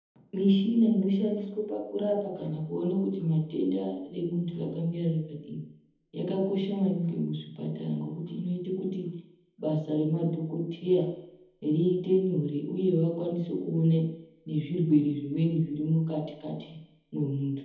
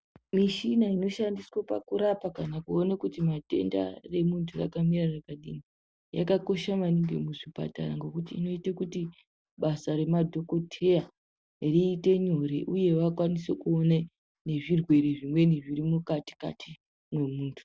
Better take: second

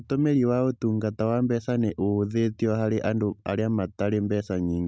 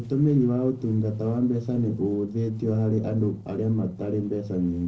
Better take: first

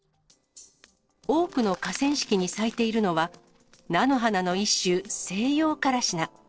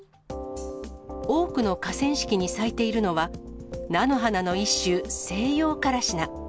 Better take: second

